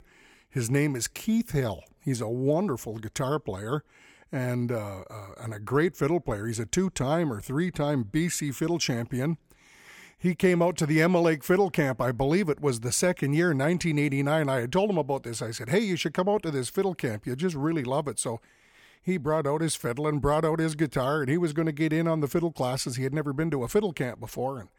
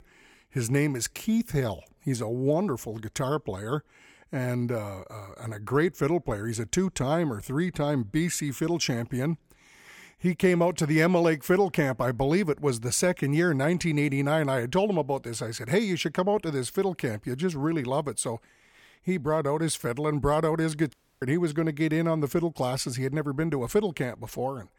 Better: first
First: none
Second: audio cutting out; at 21 s

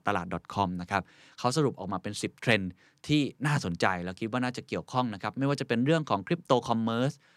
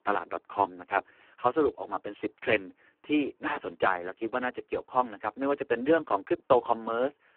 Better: first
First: none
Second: phone-call audio; poor line

